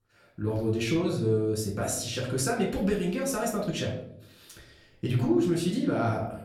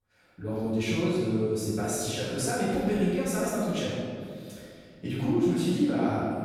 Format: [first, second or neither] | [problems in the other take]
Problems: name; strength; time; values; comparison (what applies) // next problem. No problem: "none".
first | room echo; strong; dies away in 2.1 s; slight in the first // off-mic speech; far; far in the first